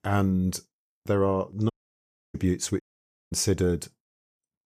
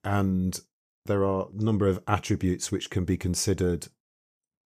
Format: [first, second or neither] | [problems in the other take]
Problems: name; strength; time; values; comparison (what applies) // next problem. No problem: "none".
second | audio cutting out; at 1.5 s for 0.5 s and at 3 s for 0.5 s